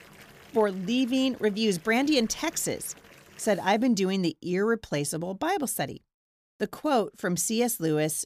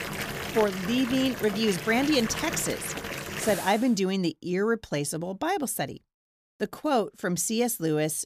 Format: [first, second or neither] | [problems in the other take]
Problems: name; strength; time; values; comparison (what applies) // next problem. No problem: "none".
first | household noises; loud; until 3.5 s; 7 dB below the speech; faint in the first